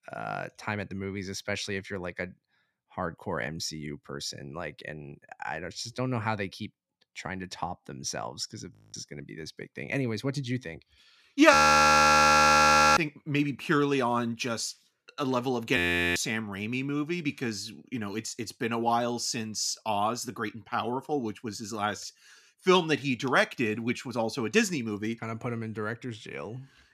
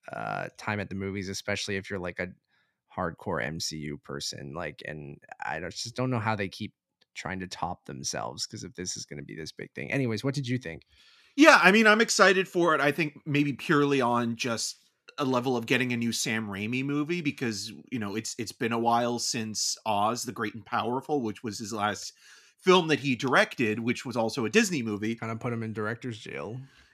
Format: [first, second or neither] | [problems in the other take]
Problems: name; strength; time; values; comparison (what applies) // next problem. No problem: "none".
second | audio freezing; at 8.5 s, at 12 s for 1.5 s and at 16 s